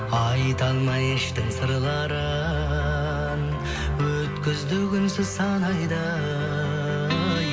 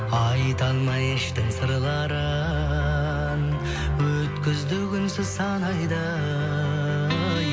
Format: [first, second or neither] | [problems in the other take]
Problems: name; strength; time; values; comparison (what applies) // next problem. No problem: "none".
second | room echo; dies away in 1.2 s